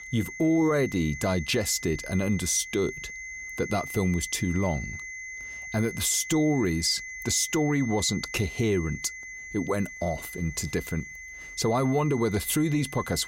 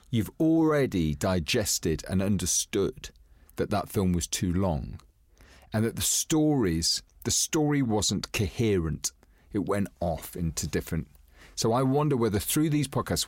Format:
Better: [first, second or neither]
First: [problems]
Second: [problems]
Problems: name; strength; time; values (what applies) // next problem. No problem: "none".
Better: second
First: high-pitched whine; noticeable; throughout; 2 kHz, 10 dB below the speech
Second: none